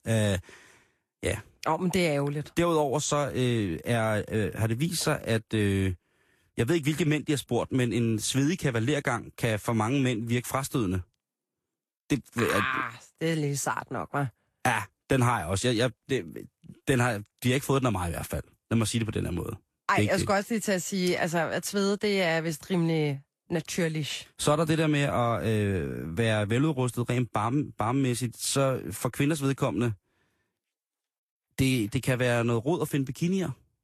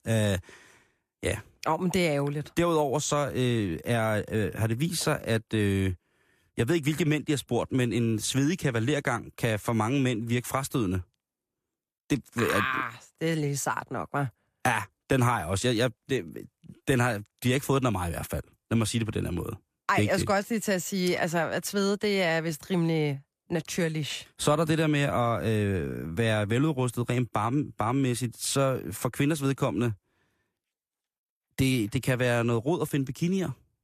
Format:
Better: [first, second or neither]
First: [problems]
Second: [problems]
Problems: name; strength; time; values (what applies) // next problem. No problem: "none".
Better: second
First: garbled, watery; slightly; nothing above 13 kHz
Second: none